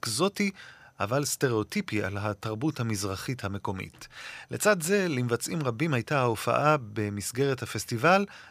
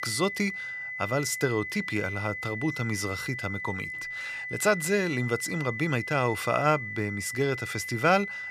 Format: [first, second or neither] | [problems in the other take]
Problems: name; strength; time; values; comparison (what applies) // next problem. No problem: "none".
first | high-pitched whine; loud; throughout; 2 kHz, 6 dB below the speech